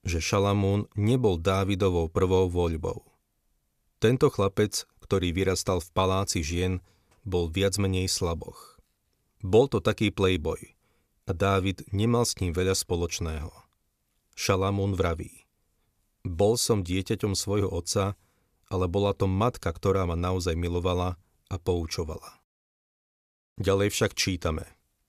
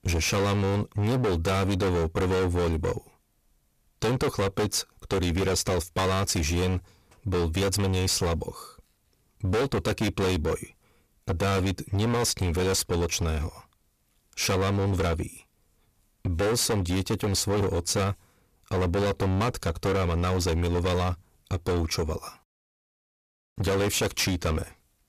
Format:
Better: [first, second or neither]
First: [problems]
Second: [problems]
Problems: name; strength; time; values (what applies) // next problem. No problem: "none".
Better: first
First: none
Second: distortion; heavy; 24% of the sound clipped